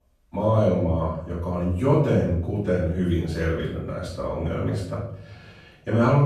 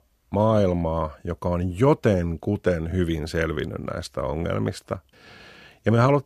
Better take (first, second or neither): second